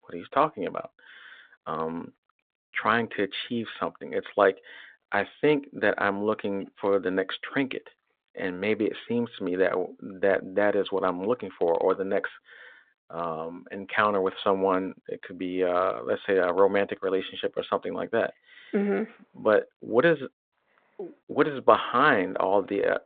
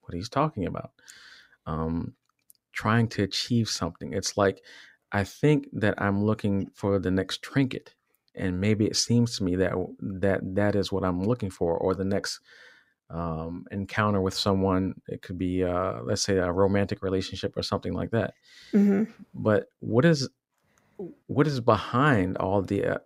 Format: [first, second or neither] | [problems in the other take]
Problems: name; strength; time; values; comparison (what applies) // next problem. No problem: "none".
second | phone-call audio; nothing above 3.5 kHz